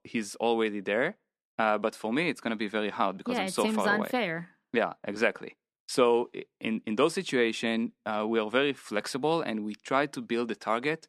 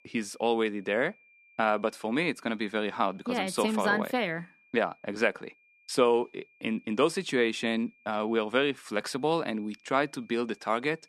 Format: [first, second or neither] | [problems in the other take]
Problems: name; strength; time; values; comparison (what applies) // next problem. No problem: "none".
first | high-pitched whine; faint; throughout; 2.5 kHz, 30 dB below the speech